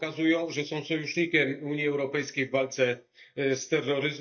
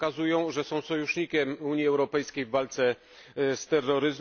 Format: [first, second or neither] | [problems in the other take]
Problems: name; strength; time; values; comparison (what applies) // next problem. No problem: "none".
second | noise reduction (neural mask model DeepFilterNet 3)